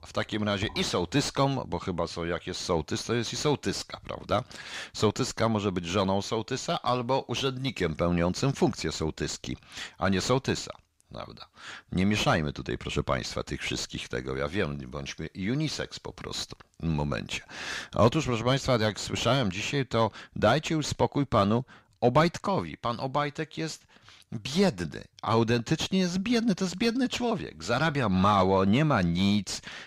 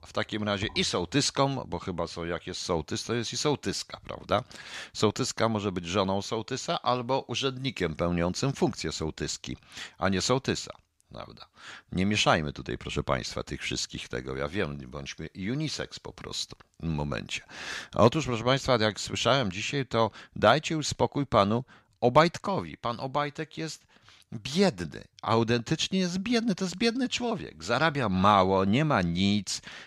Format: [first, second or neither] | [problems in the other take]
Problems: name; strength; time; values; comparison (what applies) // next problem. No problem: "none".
second | distortion; slight; 10 dB below the speech